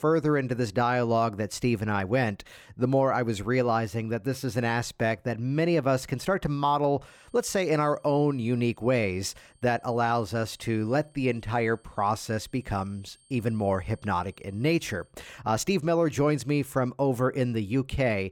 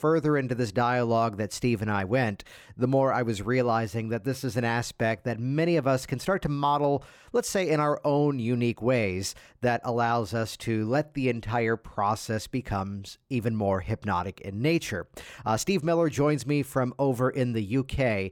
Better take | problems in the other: second | high-pitched whine; faint; from 7 to 15 s; 8.5 kHz, 35 dB below the speech

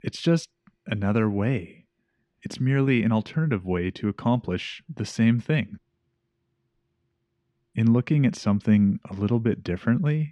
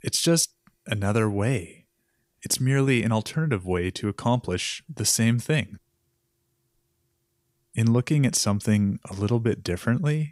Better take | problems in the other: second | muffled; slightly; fading above 2.5 kHz

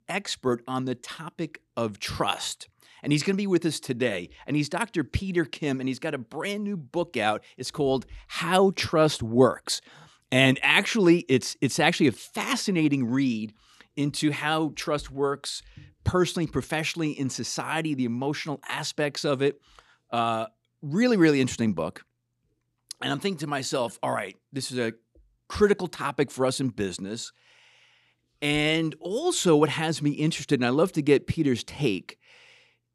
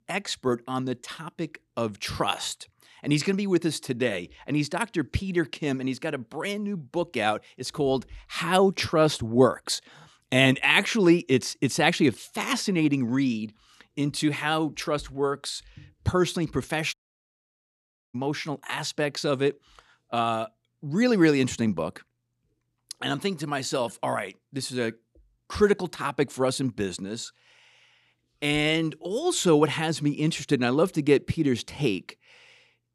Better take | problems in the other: first | audio cutting out; at 17 s for 1 s

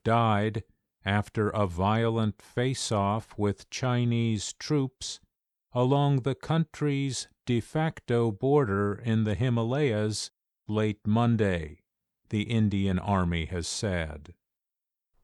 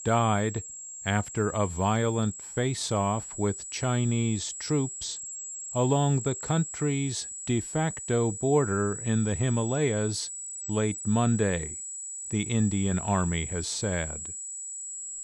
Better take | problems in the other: first | high-pitched whine; loud; throughout; 8 kHz, 7 dB below the speech

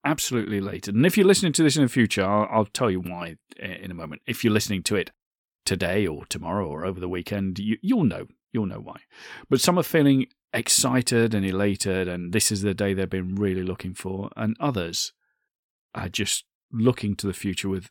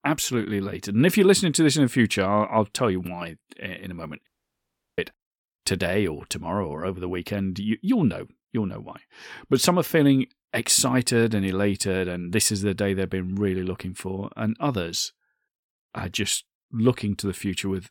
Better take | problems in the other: first | audio cutting out; at 4.5 s for 0.5 s

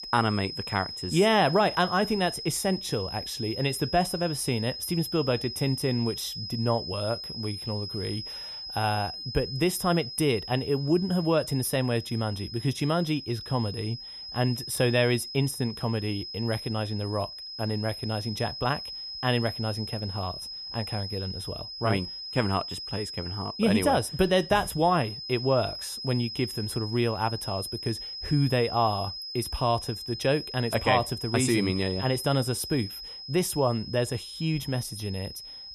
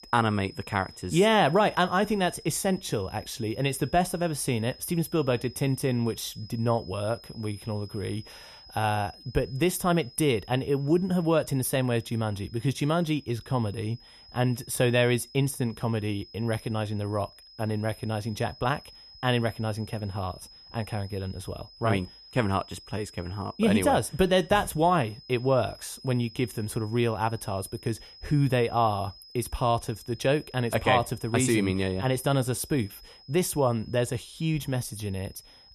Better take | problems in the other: second | high-pitched whine; loud; throughout; 5 kHz, 8 dB below the speech; faint in the second

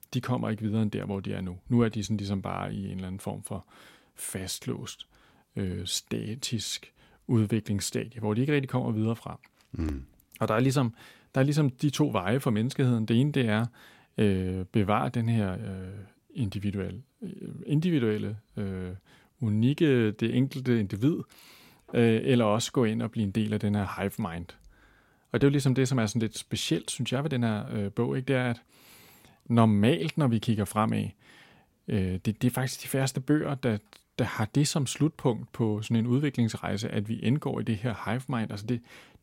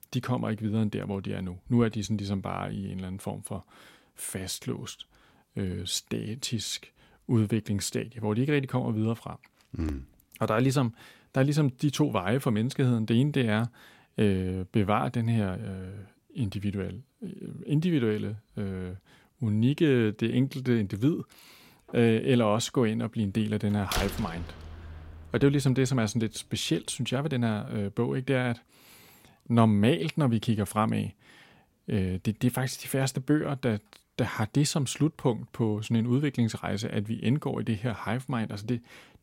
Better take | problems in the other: first | door banging; noticeable; from 24 to 25 s; peak 3 dB below the speech

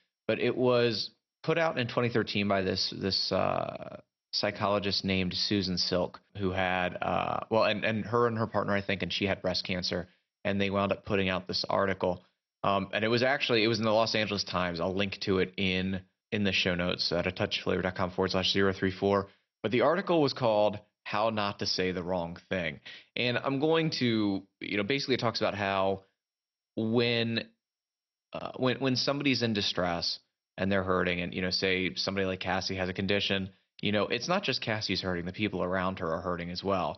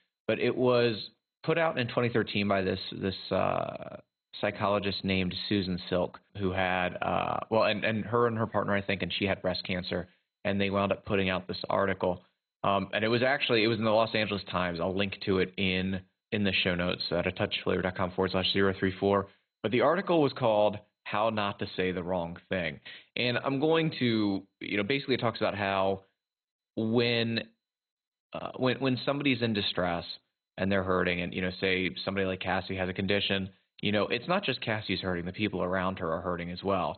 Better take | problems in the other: first | garbled, watery; badly; nothing above 4 kHz; slightly in the first

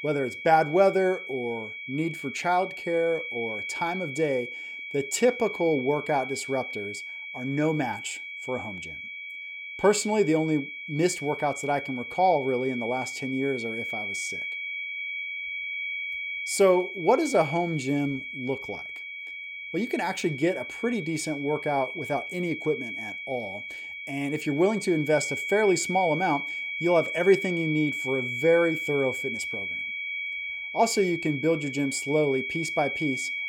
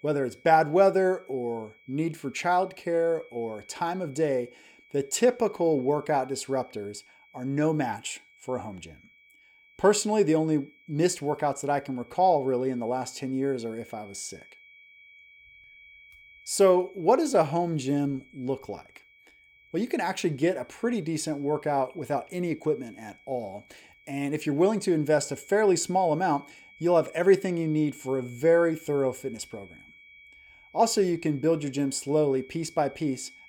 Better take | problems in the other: second | high-pitched whine; loud; throughout; 2.5 kHz, 6 dB below the speech; faint in the second

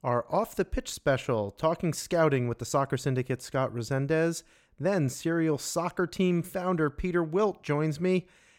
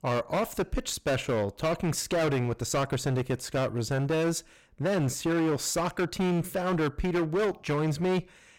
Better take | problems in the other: first | distortion; heavy; 19% of the sound clipped

